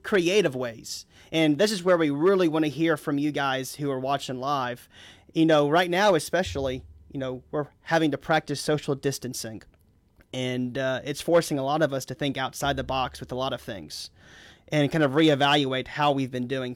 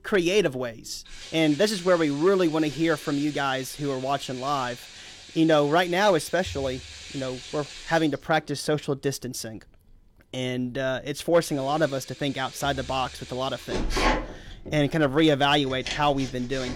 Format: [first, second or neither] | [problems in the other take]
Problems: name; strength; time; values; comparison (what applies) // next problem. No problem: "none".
first | household noises; noticeable; throughout; 10 dB below the speech